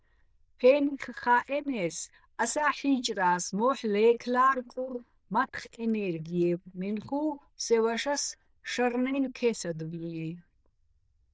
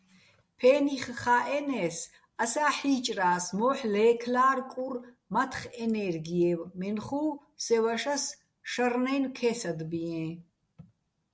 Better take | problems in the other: second | noise reduction (neural diffusion model UNIVERSE++)

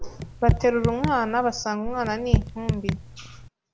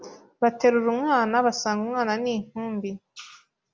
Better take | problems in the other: second | background sound (Raindrop / Drip); as loud as the speech

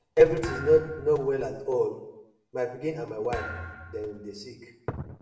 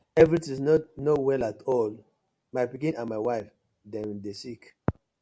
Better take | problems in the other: second | background sound (Thump, thud); 14 dB below the speech // room echo; dies away in 0.8 s

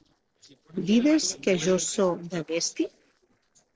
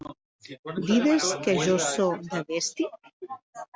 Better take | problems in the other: second | noise reduction (neural separator model SepFormer DNS4)

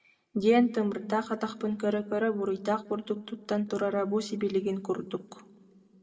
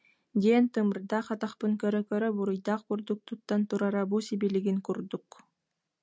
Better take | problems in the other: second | room echo; dies away in 0.9 s

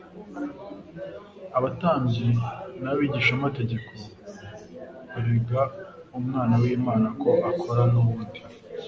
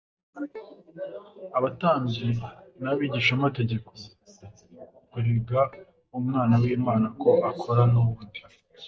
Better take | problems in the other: first | noise reduction (neural mask model DeepFilterNet 3)

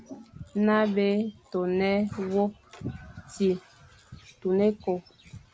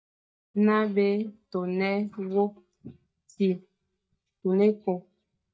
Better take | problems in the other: first | noise reduction (neural mask model DeepFilterNet 3)

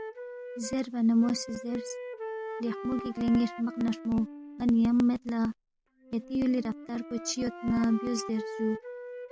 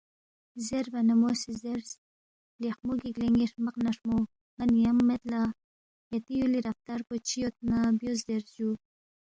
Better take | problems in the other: second | background sound (Wind instrument, woodwind instrument); 12 dB below the speech

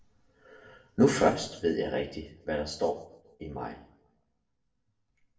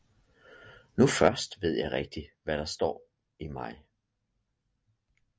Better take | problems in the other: second | room echo; dies away in 0.6 s

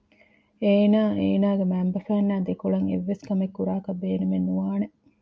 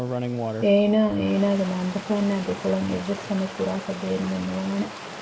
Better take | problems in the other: first | background sound (Stream); 9 dB below the speech // room echo; dies away in 0.3 s

